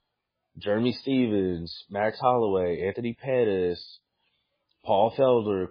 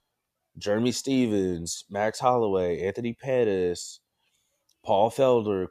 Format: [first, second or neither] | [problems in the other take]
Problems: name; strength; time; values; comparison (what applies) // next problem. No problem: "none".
second | garbled, watery; badly